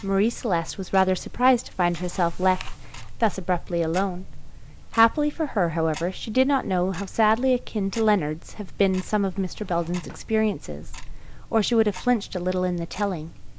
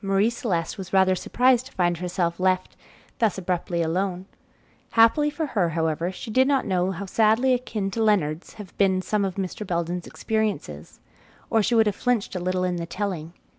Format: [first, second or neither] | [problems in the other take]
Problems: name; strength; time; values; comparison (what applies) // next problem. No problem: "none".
second | background sound (Tick-tock); 10 dB below the speech